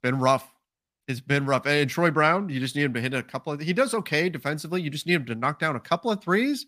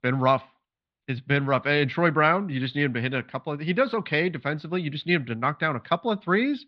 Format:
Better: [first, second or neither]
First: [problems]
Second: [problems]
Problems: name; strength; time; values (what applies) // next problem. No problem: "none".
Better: first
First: none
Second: muffled; slightly; fading above 4 kHz